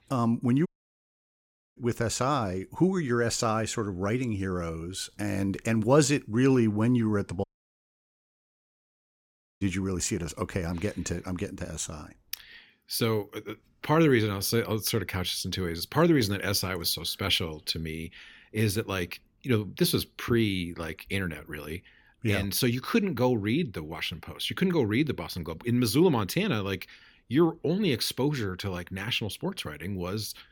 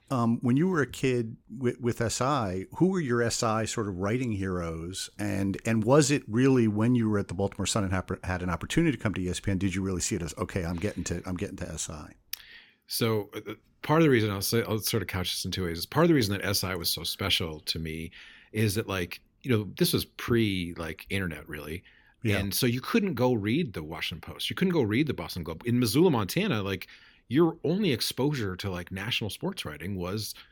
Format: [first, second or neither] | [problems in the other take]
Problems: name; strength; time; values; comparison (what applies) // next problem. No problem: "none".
second | audio cutting out; at 0.5 s for 1 s and at 7.5 s for 2 s